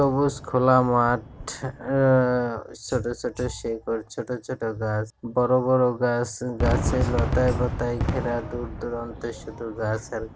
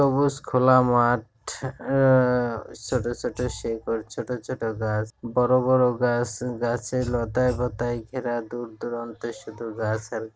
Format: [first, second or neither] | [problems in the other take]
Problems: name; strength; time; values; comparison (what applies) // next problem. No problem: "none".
second | background sound (Fireworks); 7 dB below the speech